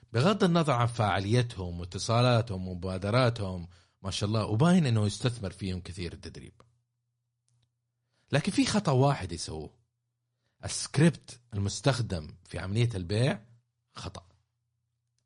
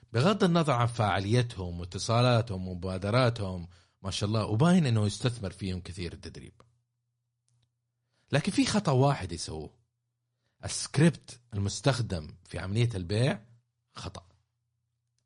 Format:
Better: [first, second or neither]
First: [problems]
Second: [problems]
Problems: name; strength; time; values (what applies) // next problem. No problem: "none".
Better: neither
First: garbled, watery; slightly; nothing above 10.5 kHz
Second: garbled, watery; slightly; nothing above 10.5 kHz